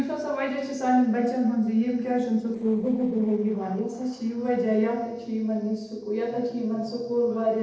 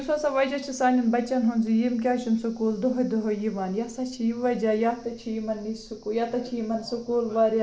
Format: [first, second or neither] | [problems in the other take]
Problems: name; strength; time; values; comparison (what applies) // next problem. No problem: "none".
second | noise reduction (neural separator model SepFormer DNS4)